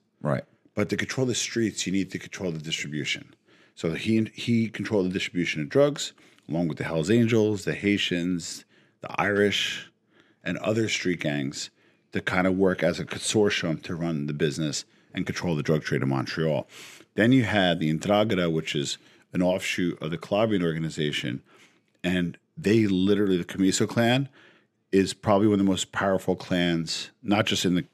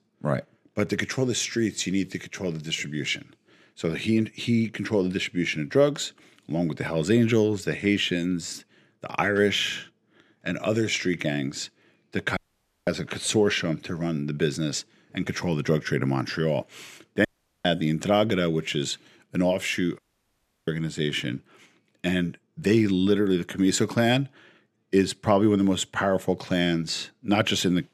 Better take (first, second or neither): first